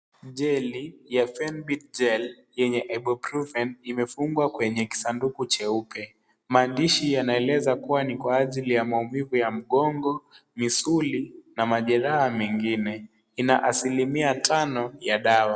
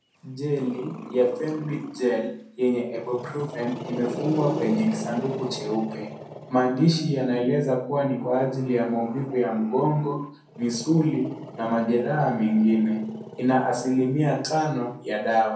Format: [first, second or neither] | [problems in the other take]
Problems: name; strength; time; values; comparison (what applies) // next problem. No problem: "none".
first | background sound (Growling); 13 dB below the speech // room echo; dies away in 0.5 s